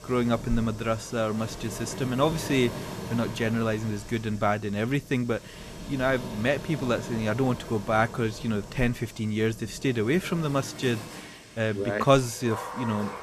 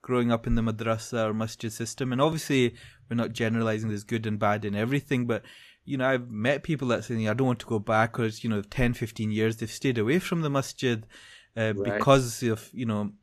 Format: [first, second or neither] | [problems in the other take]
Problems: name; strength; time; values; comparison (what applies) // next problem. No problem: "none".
second | rain or running water; noticeable; throughout; 10 dB below the speech